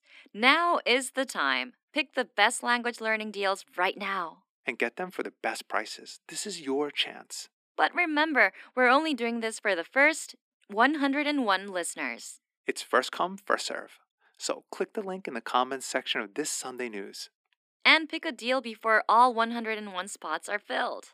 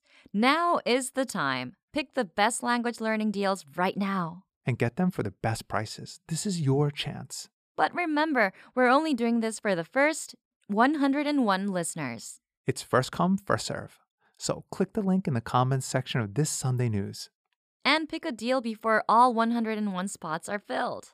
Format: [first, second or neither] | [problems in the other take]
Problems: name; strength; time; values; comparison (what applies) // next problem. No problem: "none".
second | thin; somewhat; fading below 250 Hz